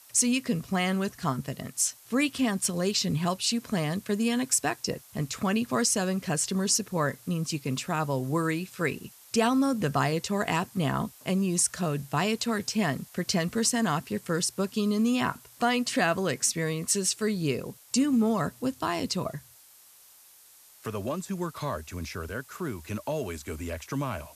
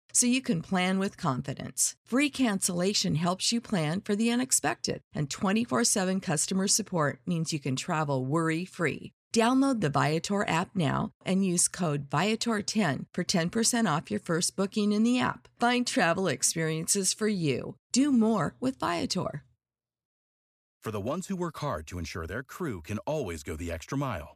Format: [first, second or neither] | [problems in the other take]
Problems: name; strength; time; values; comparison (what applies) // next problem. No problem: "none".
second | hiss; faint; throughout; 20 dB below the speech